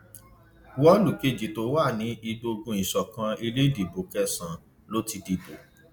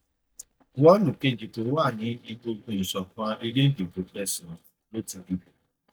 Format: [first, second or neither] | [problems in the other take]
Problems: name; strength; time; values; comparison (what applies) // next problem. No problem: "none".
first | noise reduction (neural mask model DeepFilterNet 3)